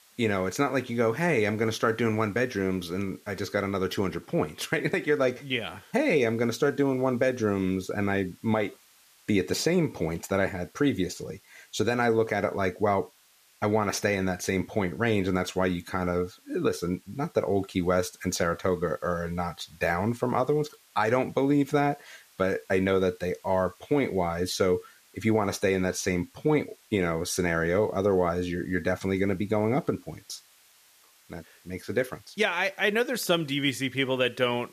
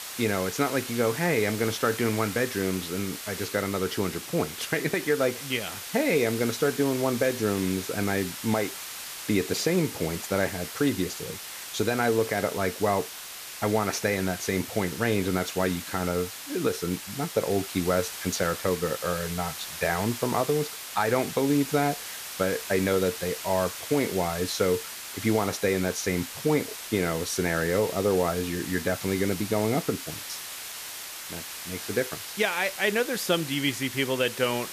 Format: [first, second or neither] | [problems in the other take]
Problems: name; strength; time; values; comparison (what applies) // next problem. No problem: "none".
first | hiss; loud; throughout; 8 dB below the speech; faint in the first